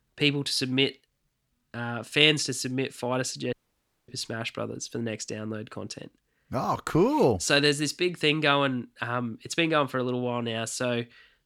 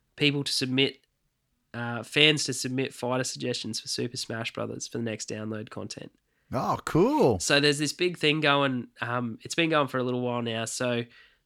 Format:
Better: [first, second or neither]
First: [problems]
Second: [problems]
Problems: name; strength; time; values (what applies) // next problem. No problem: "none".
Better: second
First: audio cutting out; at 3.5 s for 0.5 s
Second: none